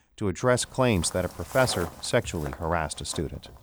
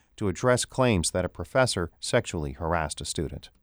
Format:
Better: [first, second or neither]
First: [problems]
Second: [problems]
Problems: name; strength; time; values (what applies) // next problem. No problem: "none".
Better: second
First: footsteps; noticeable; from 0.5 s on; peak 8 dB below the speech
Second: none